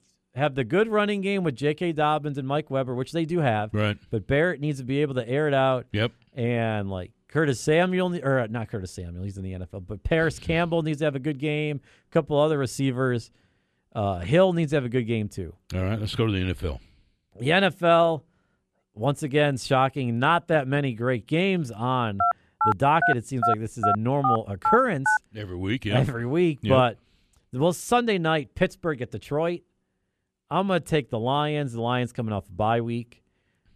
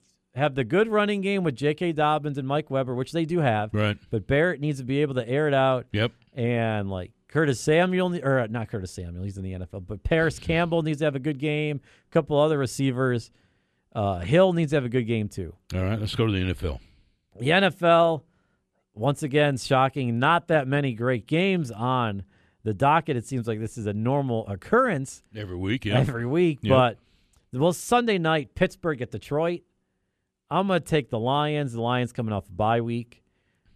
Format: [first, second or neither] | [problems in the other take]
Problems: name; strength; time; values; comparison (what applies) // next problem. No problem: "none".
second | phone ringing; loud; from 22 to 25 s; peak 1 dB above the speech